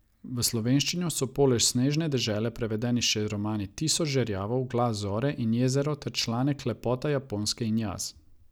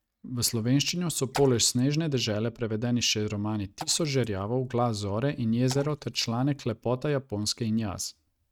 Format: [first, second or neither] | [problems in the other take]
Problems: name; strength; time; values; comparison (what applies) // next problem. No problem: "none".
first | noise reduction (neural mask model RNNoise)